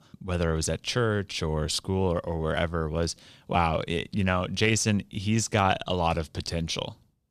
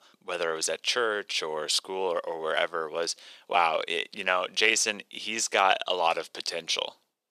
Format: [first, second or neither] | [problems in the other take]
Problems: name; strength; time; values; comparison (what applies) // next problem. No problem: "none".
first | thin; very; fading below 450 Hz